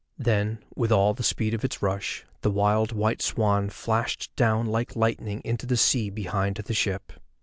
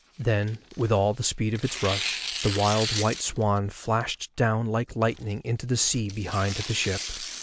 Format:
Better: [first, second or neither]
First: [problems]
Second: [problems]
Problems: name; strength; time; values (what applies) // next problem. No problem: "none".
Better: first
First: none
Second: background sound (Tearing); 10 dB below the speech